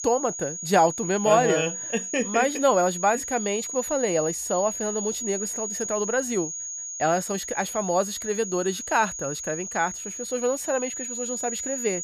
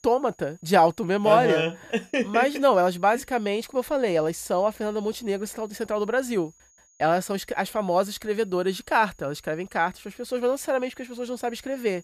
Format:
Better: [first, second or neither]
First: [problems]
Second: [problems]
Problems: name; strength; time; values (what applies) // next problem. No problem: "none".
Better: second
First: high-pitched whine; loud; throughout; 6.5 kHz, 5 dB below the speech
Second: high-pitched whine; faint; throughout; 6.5 kHz, 30 dB below the speech